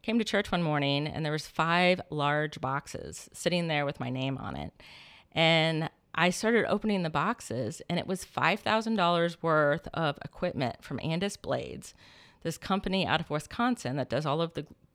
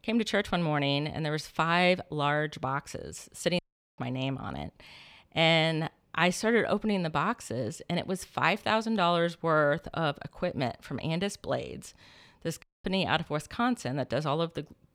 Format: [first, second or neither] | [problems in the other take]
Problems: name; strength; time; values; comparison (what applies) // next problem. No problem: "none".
first | audio cutting out; at 3.5 s and at 13 s